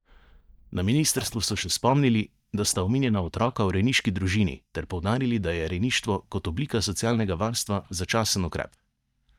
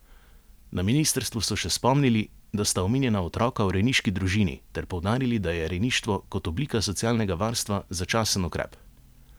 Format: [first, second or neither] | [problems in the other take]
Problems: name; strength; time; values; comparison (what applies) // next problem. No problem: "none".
second | noise reduction (neural mask model DeepFilterNet 3)